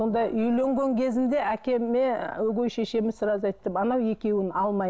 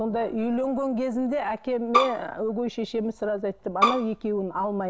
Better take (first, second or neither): first